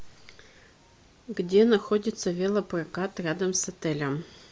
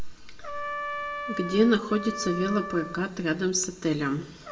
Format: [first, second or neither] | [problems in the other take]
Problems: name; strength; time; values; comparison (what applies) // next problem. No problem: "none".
first | background sound (Trumpet); 10 dB below the speech // room echo; dies away in 0.8 s